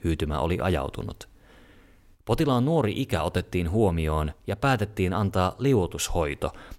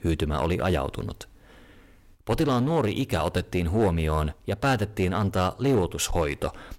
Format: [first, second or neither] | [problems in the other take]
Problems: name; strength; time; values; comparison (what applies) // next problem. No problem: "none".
first | distortion; slight; 7% of the sound clipped